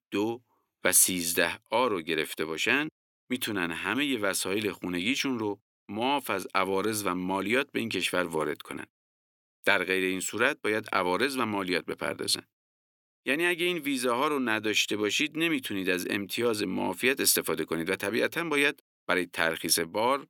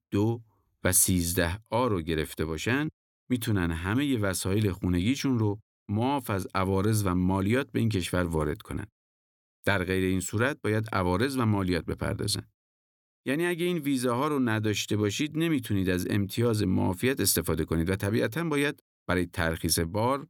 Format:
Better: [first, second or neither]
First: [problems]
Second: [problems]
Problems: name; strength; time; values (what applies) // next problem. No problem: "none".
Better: second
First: thin; somewhat; fading below 300 Hz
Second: none